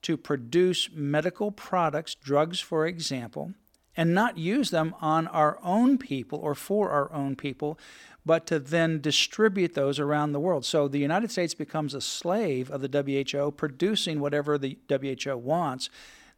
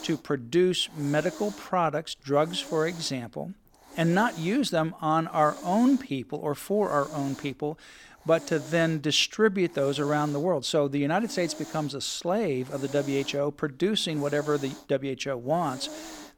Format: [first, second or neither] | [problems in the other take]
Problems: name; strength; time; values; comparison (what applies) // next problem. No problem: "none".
first | hiss; noticeable; throughout; 15 dB below the speech